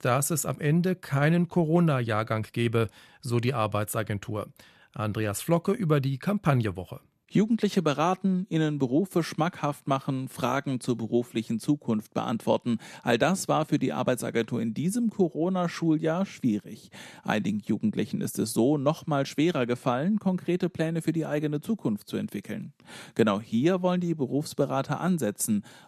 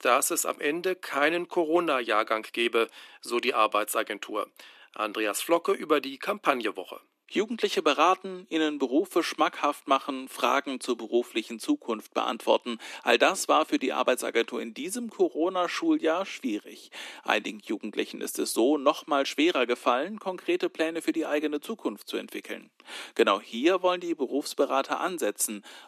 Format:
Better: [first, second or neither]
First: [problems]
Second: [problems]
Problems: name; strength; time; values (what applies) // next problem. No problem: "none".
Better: first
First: none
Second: thin; somewhat; fading below 300 Hz